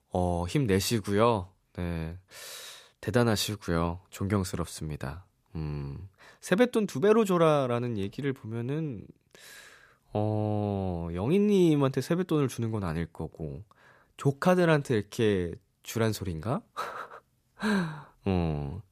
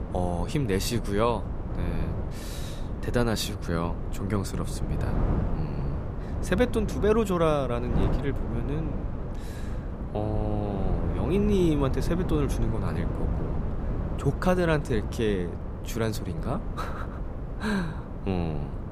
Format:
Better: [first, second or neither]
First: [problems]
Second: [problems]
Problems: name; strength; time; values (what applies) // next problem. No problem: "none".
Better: first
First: none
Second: wind noise on the microphone; heavy; 9 dB below the speech